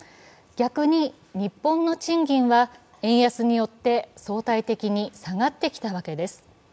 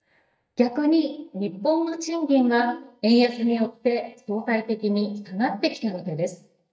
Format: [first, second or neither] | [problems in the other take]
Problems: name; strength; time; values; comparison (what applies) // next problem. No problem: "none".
first | noise reduction (neural mask model DeepFilterNet 3)